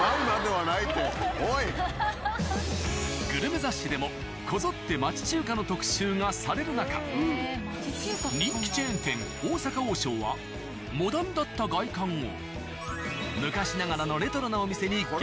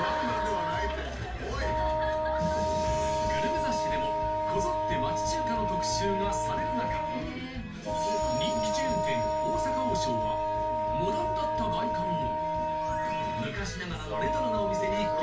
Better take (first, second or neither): first